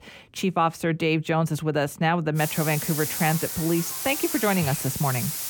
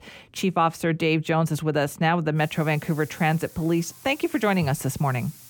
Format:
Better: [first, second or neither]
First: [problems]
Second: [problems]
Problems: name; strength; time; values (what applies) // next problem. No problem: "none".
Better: second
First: hiss; loud; from 2.5 s on; 4 dB below the speech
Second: hiss; faint; from 2.5 s on; 20 dB below the speech